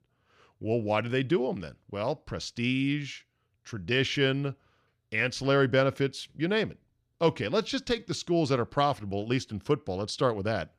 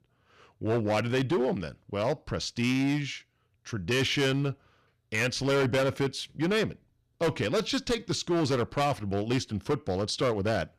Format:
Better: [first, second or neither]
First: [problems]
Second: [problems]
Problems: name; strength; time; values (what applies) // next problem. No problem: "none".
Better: first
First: none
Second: distortion; heavy; 11% of the sound clipped